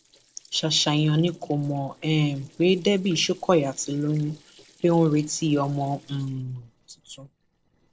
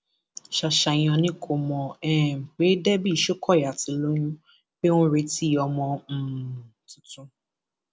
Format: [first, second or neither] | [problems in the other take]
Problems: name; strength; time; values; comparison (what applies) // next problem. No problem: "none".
second | noise reduction (neural separator model SepFormer DNS4)